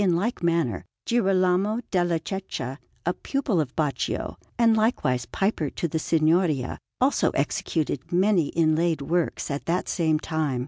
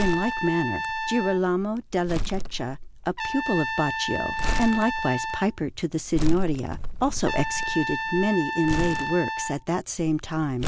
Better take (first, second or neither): first